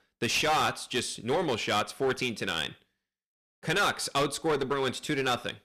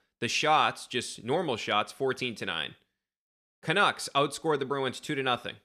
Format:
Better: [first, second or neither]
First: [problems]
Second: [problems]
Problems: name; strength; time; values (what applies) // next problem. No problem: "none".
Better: second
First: distortion; heavy; 11% of the sound clipped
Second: none